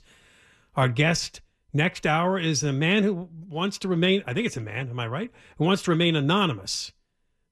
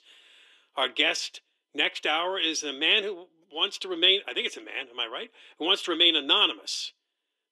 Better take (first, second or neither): first